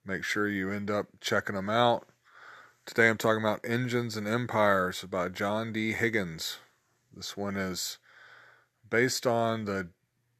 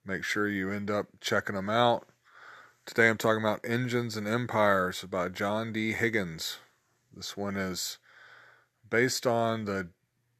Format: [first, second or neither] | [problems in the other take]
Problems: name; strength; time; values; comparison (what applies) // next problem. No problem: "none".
neither | none